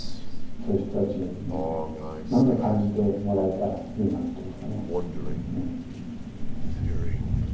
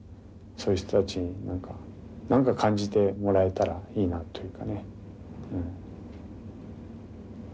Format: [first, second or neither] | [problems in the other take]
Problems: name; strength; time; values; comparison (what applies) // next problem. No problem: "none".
second | background sound (Crow); 1 dB below the speech // room echo; dies away in 0.9 s